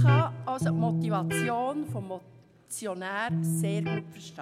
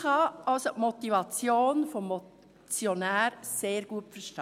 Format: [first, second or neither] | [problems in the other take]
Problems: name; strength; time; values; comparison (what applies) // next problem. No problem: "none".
second | background sound (Electric guitar); 5 dB above the speech